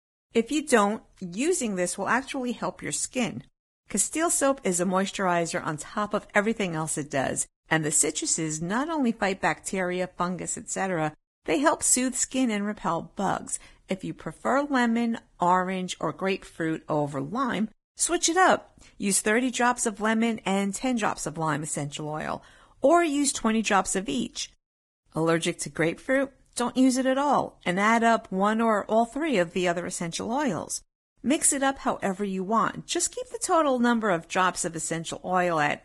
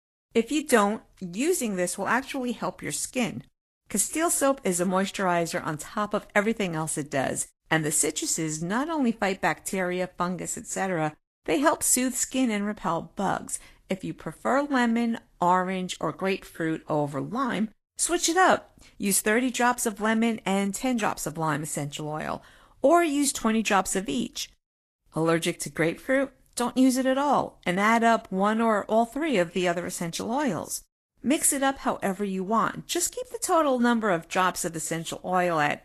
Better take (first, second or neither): second